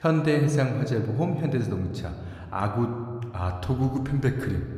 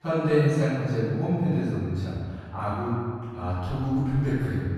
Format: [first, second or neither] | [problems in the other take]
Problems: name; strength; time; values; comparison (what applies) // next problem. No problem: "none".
first | room echo; strong; dies away in 2 s; slight in the first // off-mic speech; far